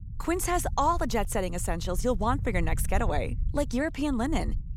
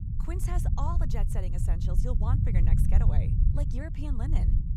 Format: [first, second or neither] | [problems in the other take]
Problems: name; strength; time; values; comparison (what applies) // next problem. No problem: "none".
first | low rumble; loud; throughout; 2 dB below the speech; faint in the first